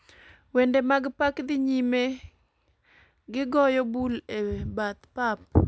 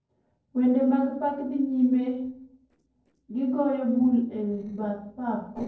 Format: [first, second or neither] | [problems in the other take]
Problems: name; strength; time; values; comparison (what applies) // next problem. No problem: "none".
first | noise reduction (neural separator model SepFormer DNS4)